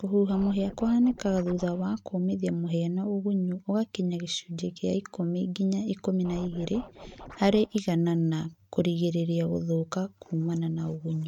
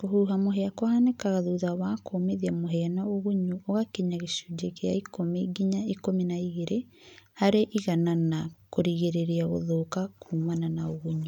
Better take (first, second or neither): second